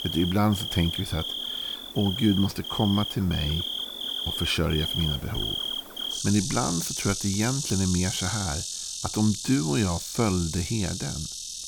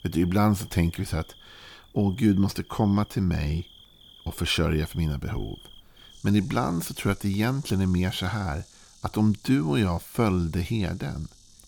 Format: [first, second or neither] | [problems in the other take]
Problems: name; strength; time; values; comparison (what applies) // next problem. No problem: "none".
second | animal sounds; loud; throughout; 3 dB below the speech; faint in the second